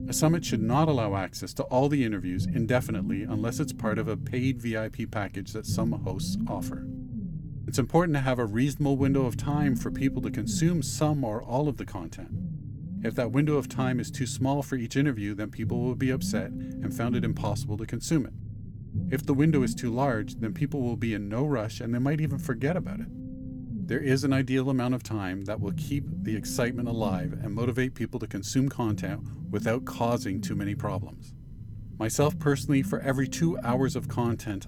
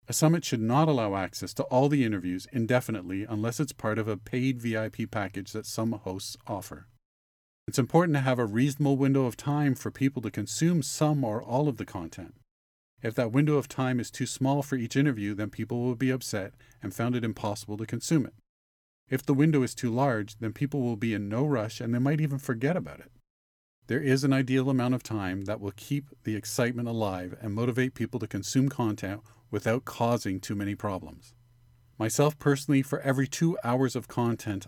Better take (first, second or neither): second